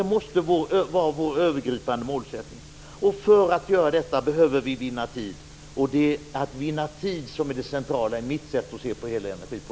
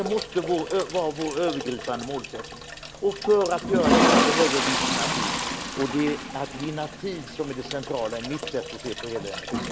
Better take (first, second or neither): first